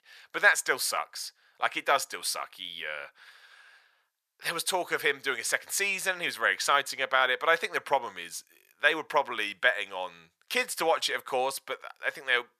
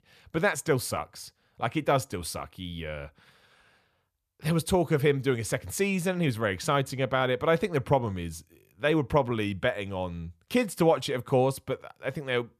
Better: second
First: thin; very; fading below 800 Hz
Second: none

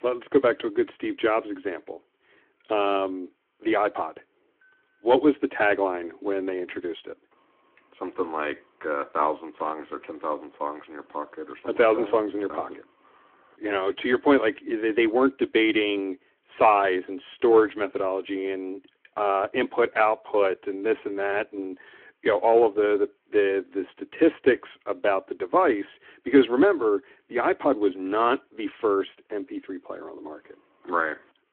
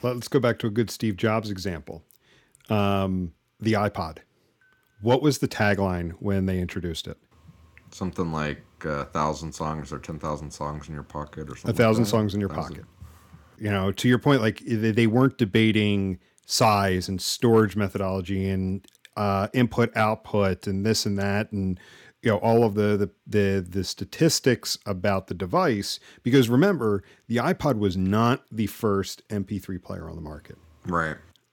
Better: second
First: phone-call audio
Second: none

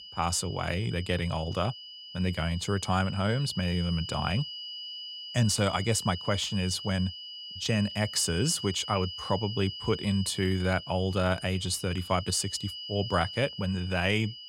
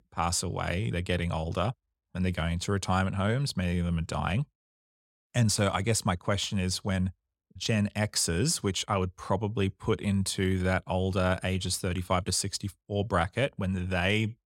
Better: second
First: high-pitched whine; loud; throughout; 3 kHz, 10 dB below the speech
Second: none

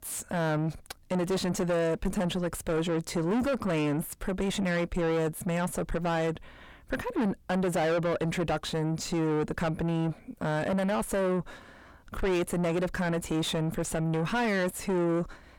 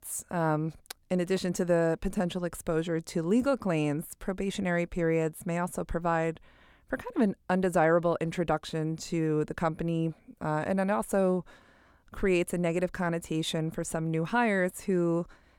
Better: second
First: distortion; heavy; 6 dB below the speech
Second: none

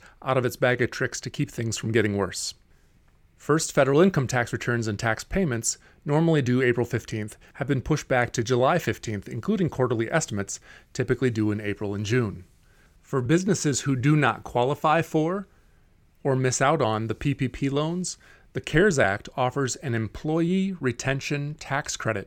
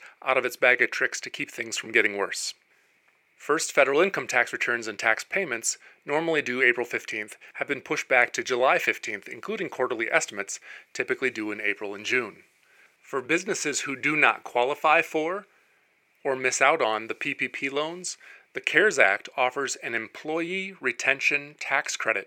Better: first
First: none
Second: thin; very; fading below 500 Hz

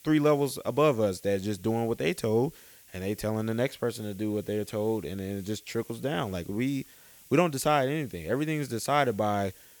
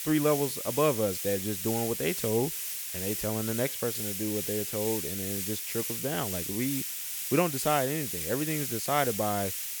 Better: first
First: hiss; faint; throughout; 25 dB below the speech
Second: hiss; loud; throughout; 1 dB below the speech

